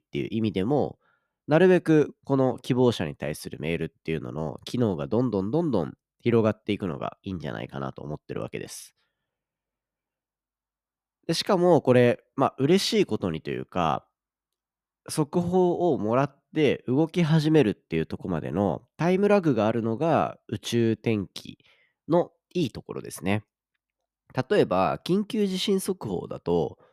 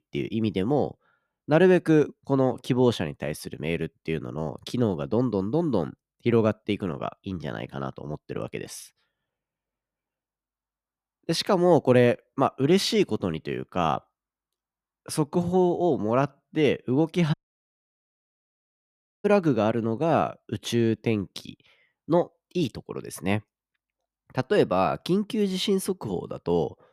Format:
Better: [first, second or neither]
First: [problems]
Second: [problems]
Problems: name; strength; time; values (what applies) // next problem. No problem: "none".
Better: first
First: none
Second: audio cutting out; at 17 s for 2 s